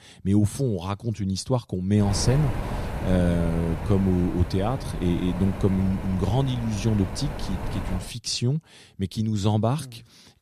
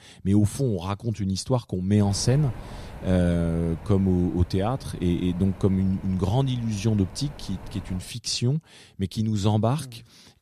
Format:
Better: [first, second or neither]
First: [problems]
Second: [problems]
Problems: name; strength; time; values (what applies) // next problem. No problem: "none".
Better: second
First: wind noise on the microphone; heavy; from 2 to 8 s; 7 dB below the speech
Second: wind noise on the microphone; occasional gusts; from 2 to 8 s; 15 dB below the speech